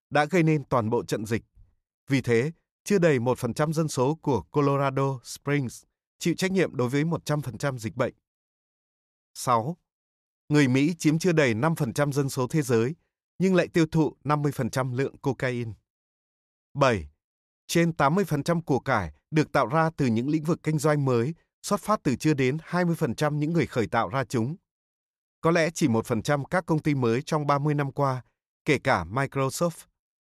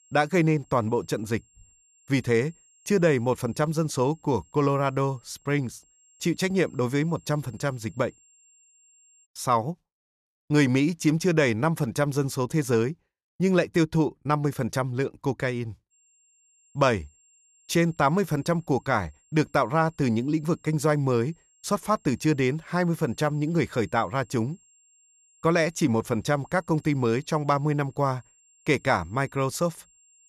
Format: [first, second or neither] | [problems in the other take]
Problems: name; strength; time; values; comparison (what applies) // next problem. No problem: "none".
first | high-pitched whine; faint; until 9.5 s and from 16 s on; 7.5 kHz, 30 dB below the speech